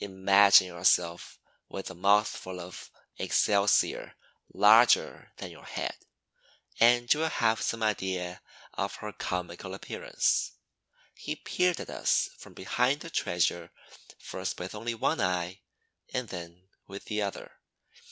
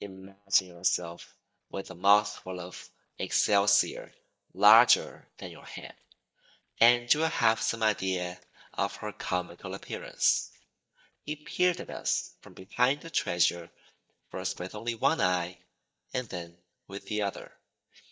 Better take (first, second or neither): first